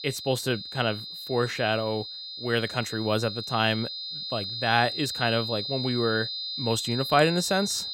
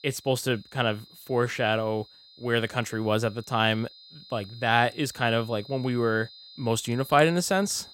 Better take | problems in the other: second | high-pitched whine; loud; throughout; 4 kHz, 5 dB below the speech; faint in the second

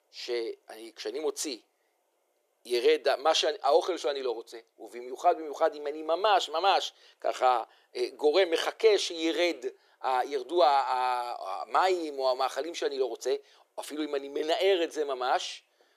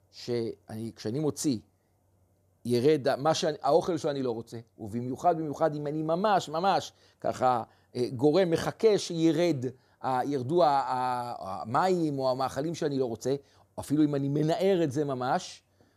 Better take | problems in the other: second | thin; very; fading below 350 Hz

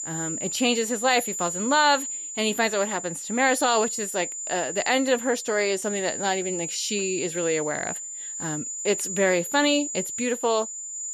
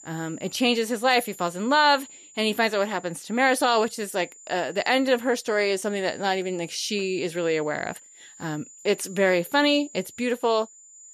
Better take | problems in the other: second | high-pitched whine; loud; throughout; 7 kHz, 5 dB below the speech; faint in the second

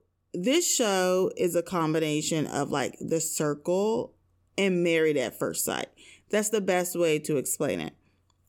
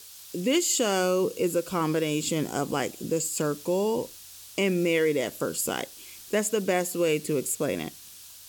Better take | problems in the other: first | hiss; noticeable; throughout; 15 dB below the speech

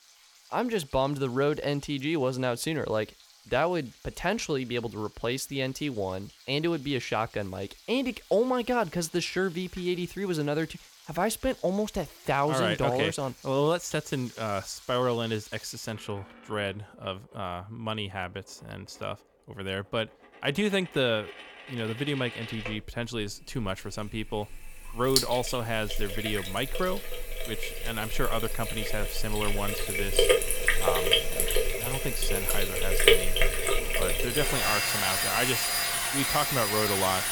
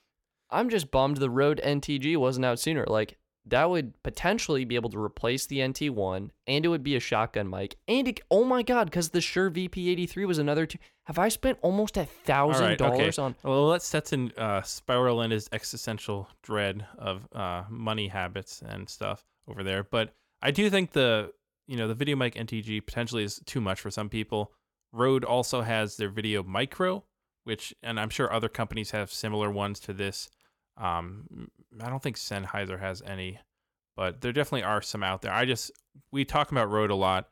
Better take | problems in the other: second | household noises; very loud; throughout; 3 dB above the speech

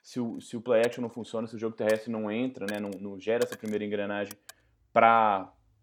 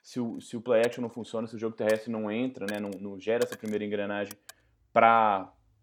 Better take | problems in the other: neither | household noises; noticeable; throughout; 15 dB below the speech; the same in both

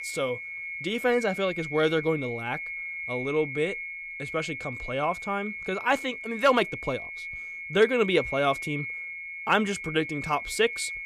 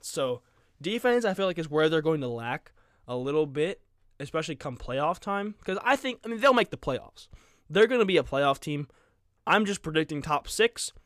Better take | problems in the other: second | high-pitched whine; loud; throughout; 2 kHz, 7 dB below the speech

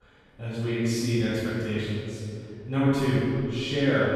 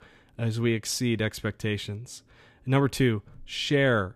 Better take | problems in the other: second | room echo; strong; dies away in 2.5 s // off-mic speech; far

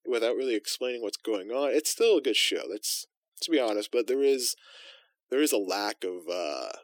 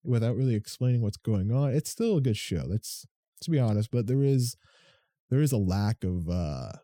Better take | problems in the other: second | thin; very; fading below 300 Hz

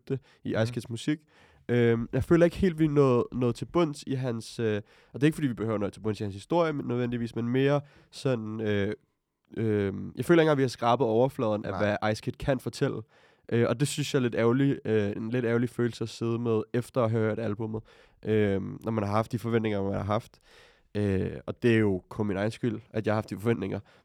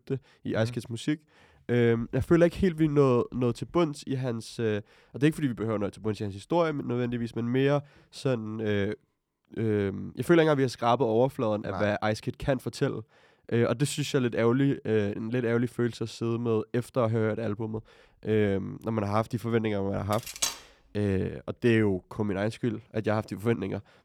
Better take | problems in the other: first | clattering dishes; noticeable; at 20 s; peak 2 dB below the speech

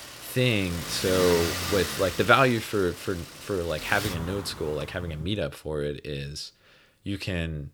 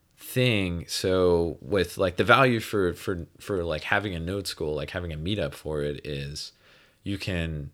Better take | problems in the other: second | traffic noise; loud; until 5 s; 7 dB below the speech

